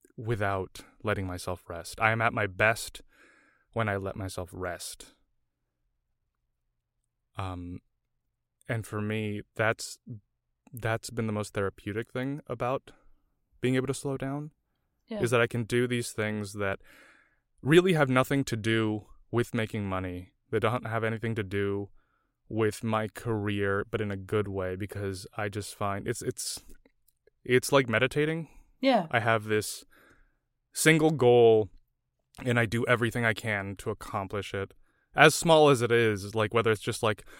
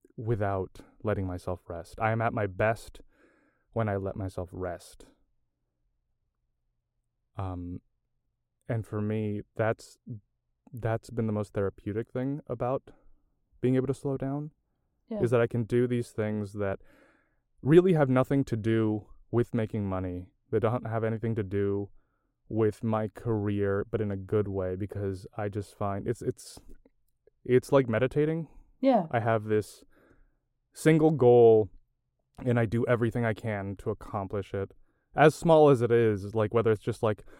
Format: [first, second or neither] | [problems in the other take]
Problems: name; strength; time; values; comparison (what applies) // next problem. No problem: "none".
first | muffled; slightly; fading above 1.5 kHz